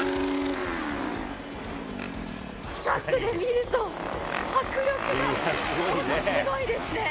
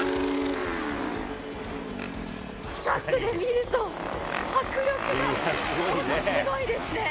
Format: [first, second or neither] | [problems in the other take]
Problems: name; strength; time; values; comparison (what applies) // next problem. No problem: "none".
first | background sound (Chink, clink); 17 dB below the speech